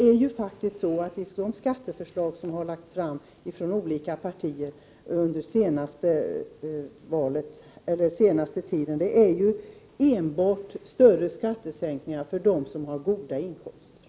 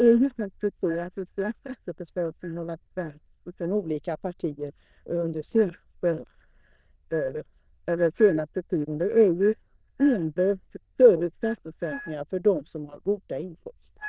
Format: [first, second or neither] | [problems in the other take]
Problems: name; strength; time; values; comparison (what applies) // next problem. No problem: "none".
first | noise reduction (neural diffusion model UNIVERSE++)